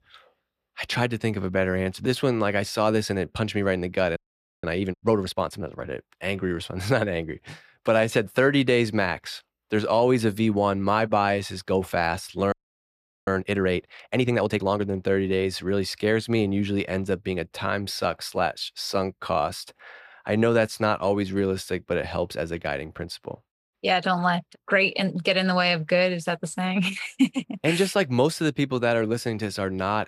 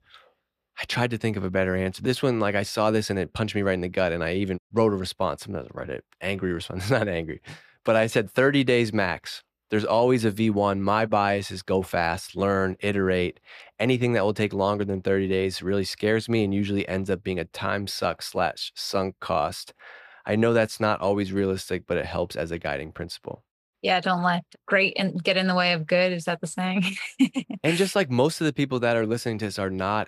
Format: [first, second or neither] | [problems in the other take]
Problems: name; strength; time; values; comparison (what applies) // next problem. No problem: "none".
second | audio freezing; at 4 s and at 13 s for 1 s